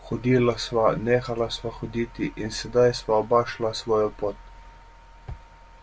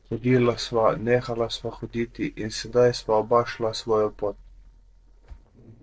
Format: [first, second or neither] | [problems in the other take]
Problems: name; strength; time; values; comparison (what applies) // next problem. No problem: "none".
first | noise reduction (neural separator model SepFormer DNS4)